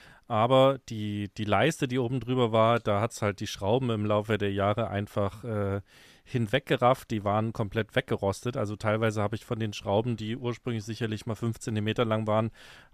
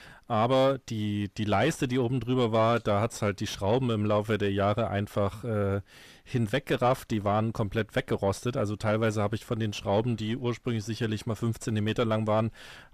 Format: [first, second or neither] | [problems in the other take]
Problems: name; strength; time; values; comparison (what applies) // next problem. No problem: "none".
first | distortion; slight; 10 dB below the speech